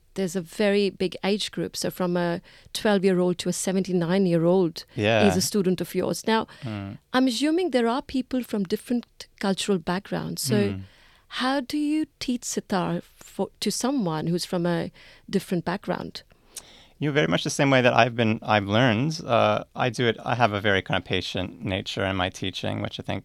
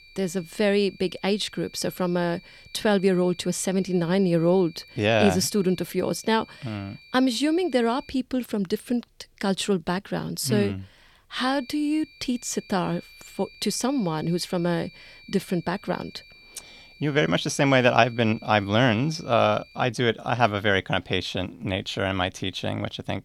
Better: first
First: none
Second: high-pitched whine; faint; until 8 s and from 11 to 20 s; 2.5 kHz, 25 dB below the speech

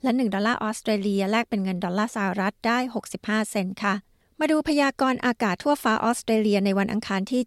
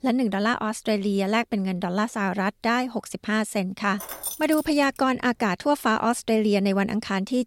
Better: first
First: none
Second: jangling keys; noticeable; at 4 s; peak 7 dB below the speech

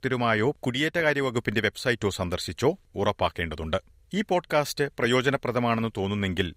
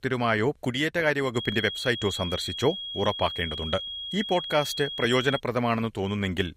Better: first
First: none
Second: high-pitched whine; loud; from 1.5 to 5.5 s; 3.5 kHz, 6 dB below the speech

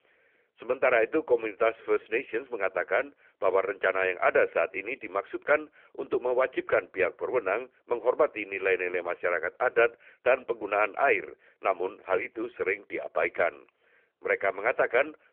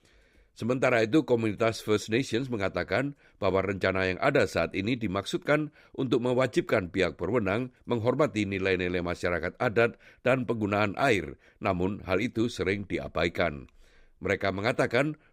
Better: second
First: phone-call audio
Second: none

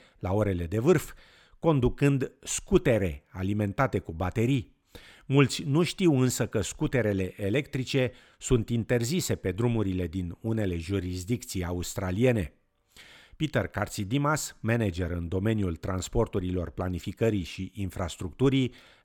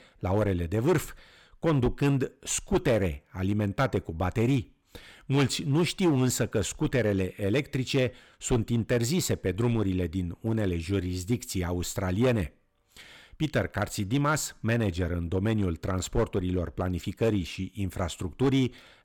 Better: first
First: none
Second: distortion; slight; 4% of the sound clipped

